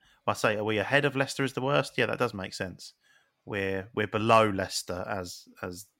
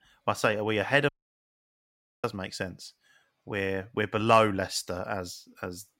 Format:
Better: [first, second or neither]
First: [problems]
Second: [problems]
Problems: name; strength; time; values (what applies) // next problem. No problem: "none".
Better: first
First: none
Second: audio cutting out; at 1 s for 1 s